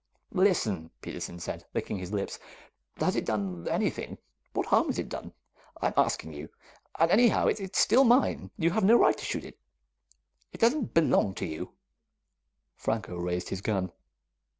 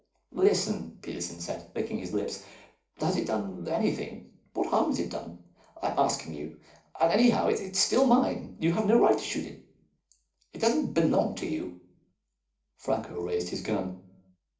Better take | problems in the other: first | room echo; dies away in 0.4 s

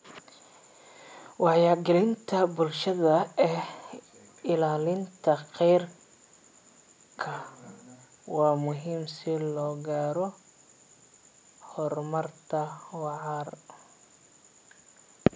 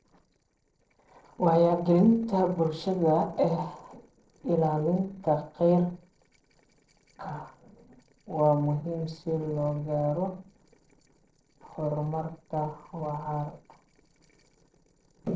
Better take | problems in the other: first | noise reduction (neural separator model SepFormer DNS4)

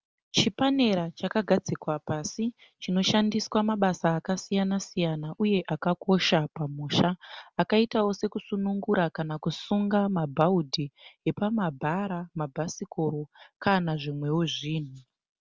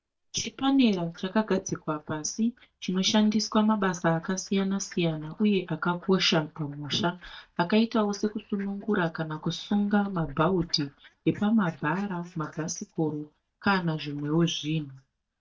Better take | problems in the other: first | noise reduction (neural mask model DeepFilterNet 3)

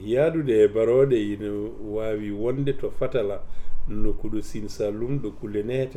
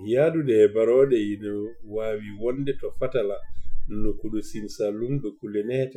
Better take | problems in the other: first | noise reduction (classical method Wiener filter)

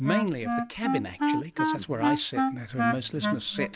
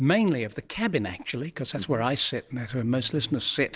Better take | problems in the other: second | background sound (Wind instrument, woodwind instrument); 3 dB above the speech

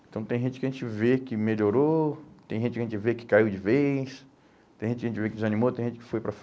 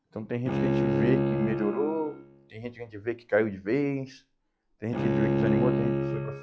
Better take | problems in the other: first | noise reduction (classical method log-MMSE)

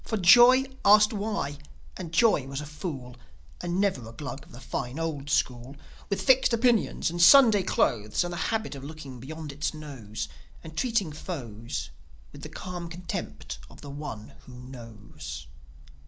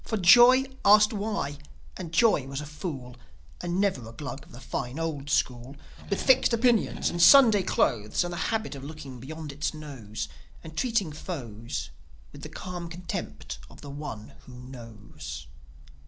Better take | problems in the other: first | background sound (Accelerating, revving, vroom); 17 dB below the speech

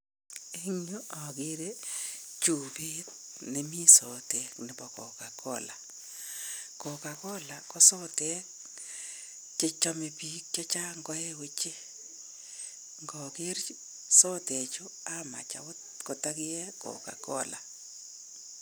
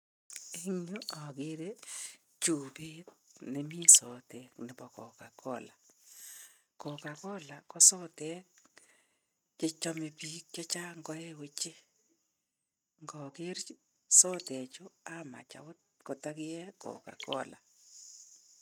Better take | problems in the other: first | noise reduction (neural mask model RNNoise)

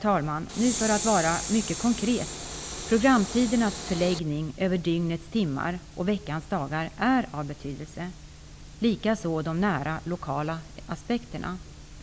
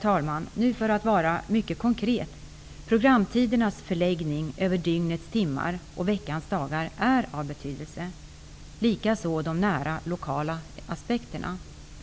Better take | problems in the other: second | background sound (Train); 7 dB below the speech

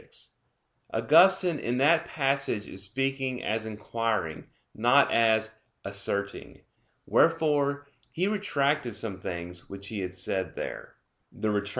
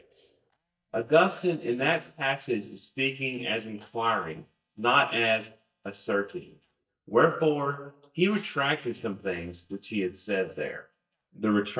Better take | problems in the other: first | noise reduction (neural mask model DeepFilterNet 3)

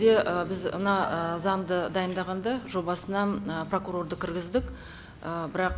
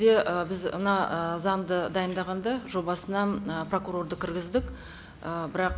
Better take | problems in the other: second | background sound (Piano); 17 dB below the speech

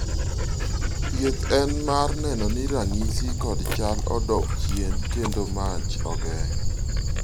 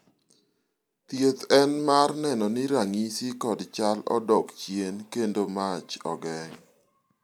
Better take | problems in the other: second | background sound (Dog); 4 dB above the speech

